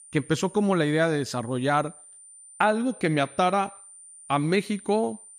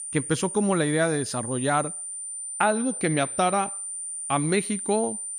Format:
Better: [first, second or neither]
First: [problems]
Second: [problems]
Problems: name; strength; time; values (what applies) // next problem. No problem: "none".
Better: first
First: high-pitched whine; faint; throughout; 9 kHz, 20 dB below the speech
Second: high-pitched whine; loud; throughout; 9 kHz, 6 dB below the speech